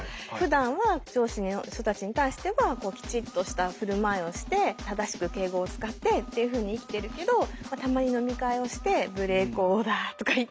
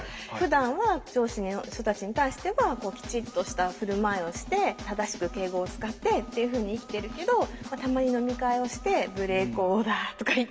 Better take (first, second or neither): first